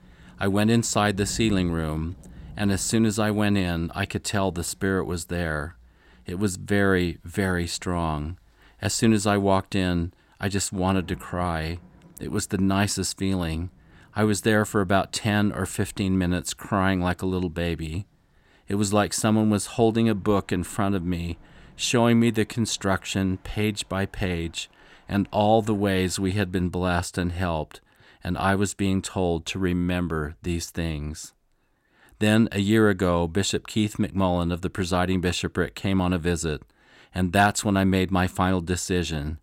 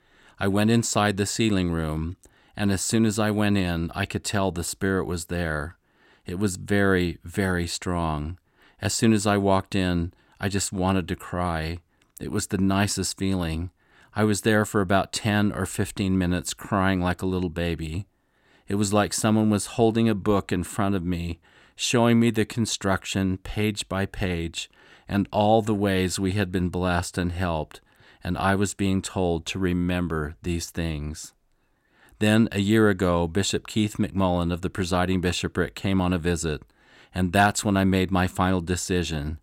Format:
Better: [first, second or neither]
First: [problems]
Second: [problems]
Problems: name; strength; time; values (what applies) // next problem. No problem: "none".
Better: second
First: rain or running water; faint; until 26 s; 25 dB below the speech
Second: none